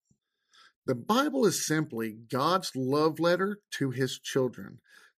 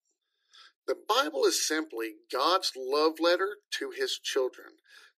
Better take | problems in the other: first | thin; very; fading below 300 Hz

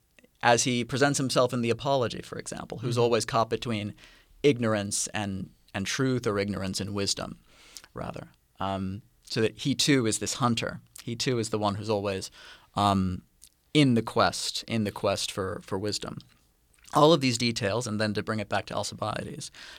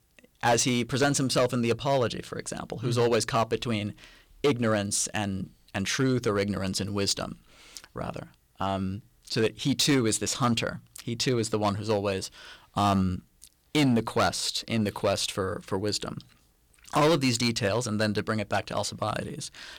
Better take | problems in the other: first | distortion; slight; 4% of the sound clipped

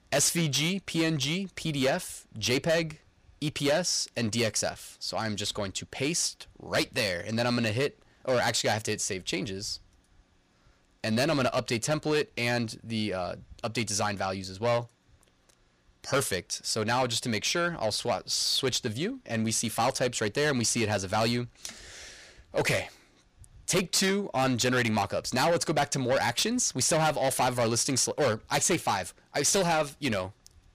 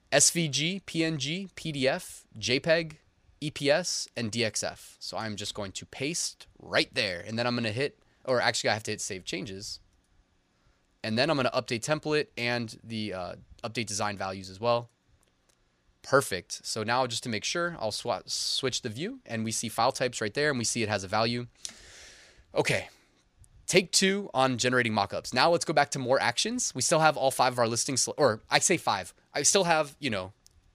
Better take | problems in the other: second | distortion; heavy; 7 dB below the speech

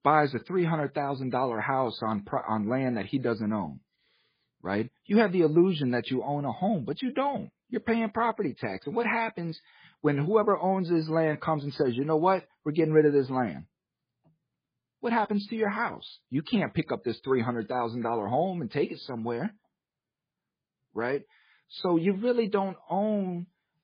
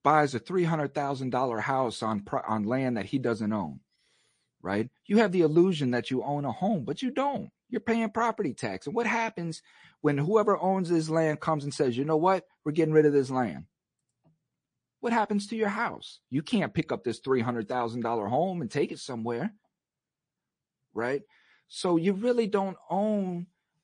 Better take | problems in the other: second | garbled, watery; badly; nothing above 4 kHz; slightly in the second

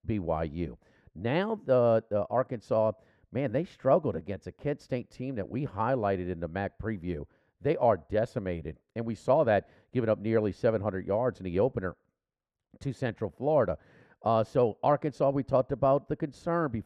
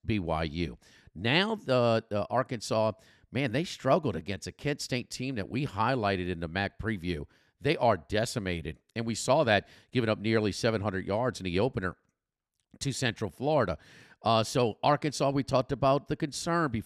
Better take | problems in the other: second | muffled; very; fading above 2.5 kHz

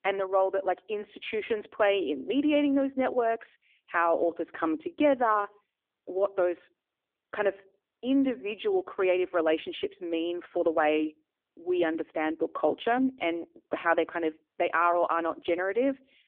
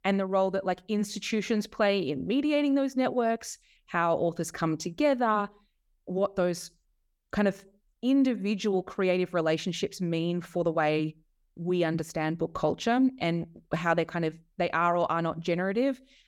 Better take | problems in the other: second | phone-call audio

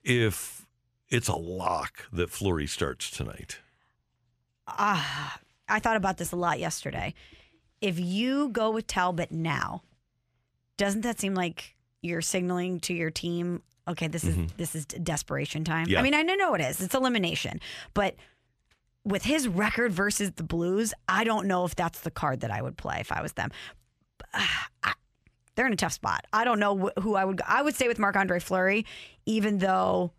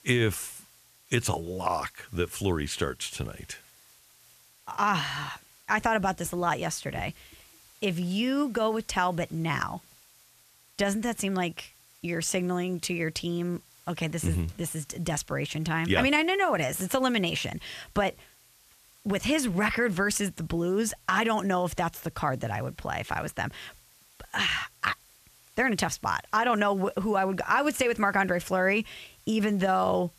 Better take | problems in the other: first | hiss; faint; throughout; 25 dB below the speech

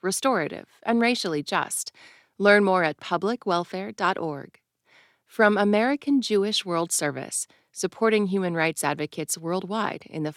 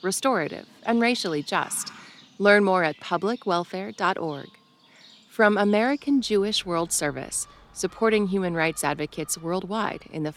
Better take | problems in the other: first | animal sounds; faint; throughout; 25 dB below the speech

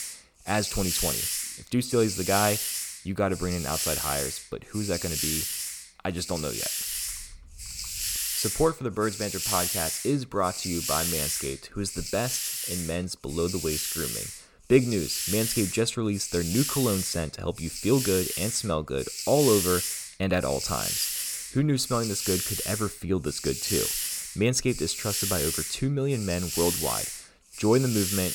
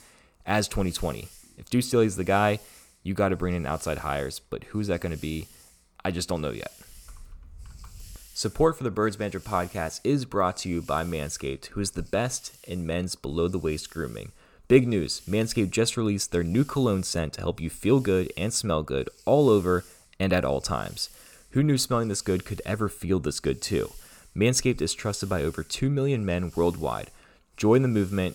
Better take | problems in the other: second | hiss; loud; throughout; 1 dB below the speech; faint in the second

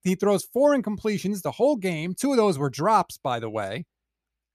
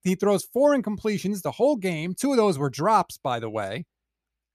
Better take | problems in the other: neither | none

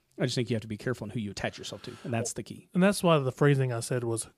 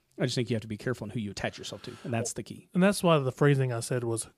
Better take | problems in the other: neither | none

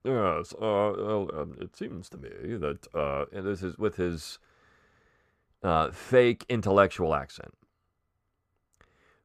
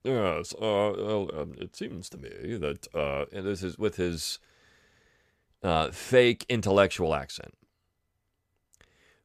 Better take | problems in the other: second | muffled; slightly; fading above 2.5 kHz

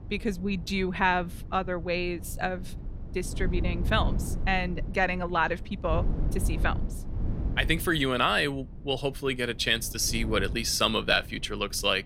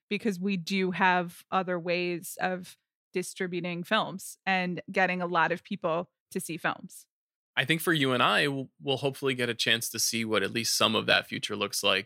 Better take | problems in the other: second | wind noise on the microphone; occasional gusts; 20 dB below the speech

